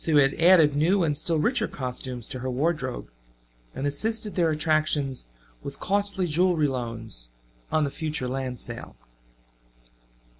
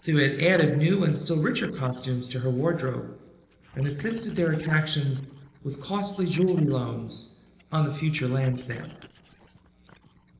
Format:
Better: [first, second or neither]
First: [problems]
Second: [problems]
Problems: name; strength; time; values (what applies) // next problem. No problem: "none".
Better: first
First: none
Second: noise reduction (neural separator model SepFormer DNS4)